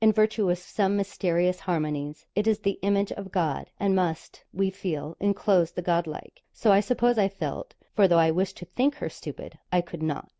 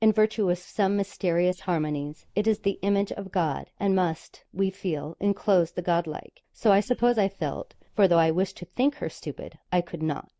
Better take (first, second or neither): first